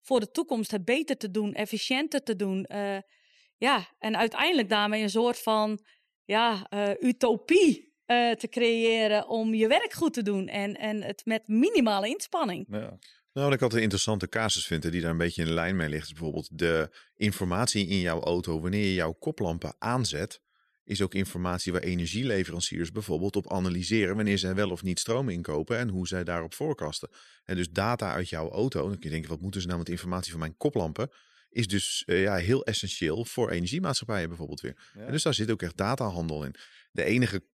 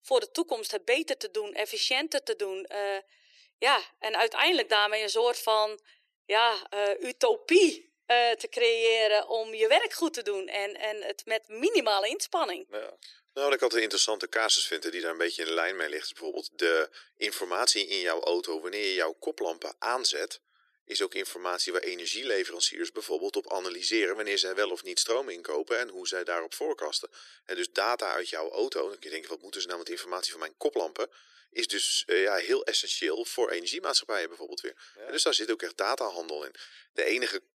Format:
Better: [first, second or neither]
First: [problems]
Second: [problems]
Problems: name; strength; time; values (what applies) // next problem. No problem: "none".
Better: first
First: none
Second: thin; very; fading below 350 Hz